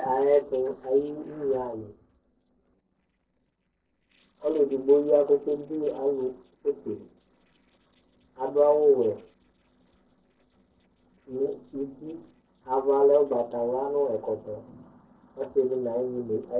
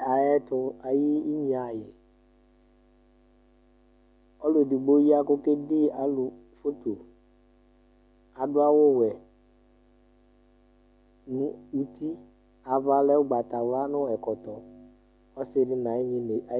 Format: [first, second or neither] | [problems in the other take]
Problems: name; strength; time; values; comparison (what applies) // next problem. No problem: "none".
second | noise reduction (neural separator model SepFormer DNS4)